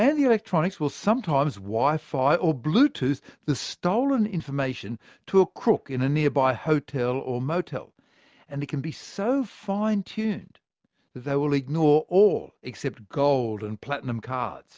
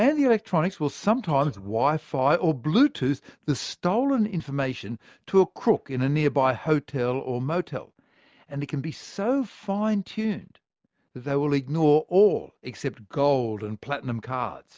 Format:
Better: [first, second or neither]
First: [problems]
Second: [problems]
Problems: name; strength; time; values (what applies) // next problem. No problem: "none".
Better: first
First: none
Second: noise reduction (neural mask model Resemble Enhance denoiser)